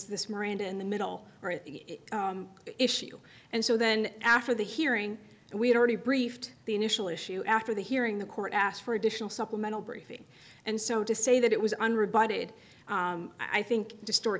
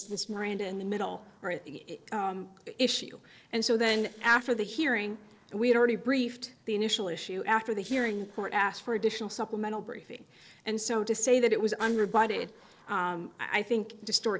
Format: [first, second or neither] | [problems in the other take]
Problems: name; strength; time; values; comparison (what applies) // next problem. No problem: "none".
first | noise reduction (neural separator model SepFormer DNS4)